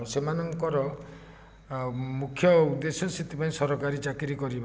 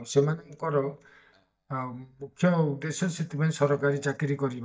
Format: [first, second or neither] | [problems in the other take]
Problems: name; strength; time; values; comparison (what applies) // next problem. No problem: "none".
first | noise reduction (neural mask model DeepFilterNet 3)